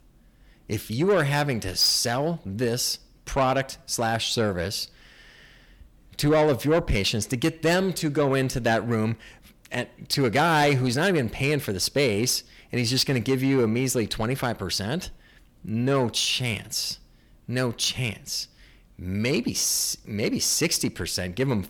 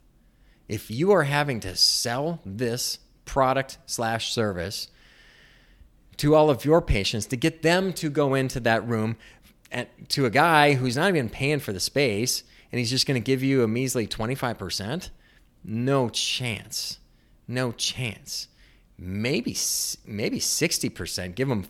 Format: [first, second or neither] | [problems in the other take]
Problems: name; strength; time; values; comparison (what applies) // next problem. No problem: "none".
second | distortion; slight; 10 dB below the speech